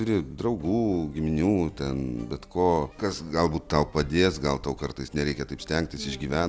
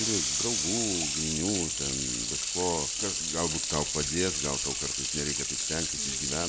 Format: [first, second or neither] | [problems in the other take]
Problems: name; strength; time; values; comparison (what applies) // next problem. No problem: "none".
first | background sound (Sink (filling or washing) / Water tap, faucet); 3 dB above the speech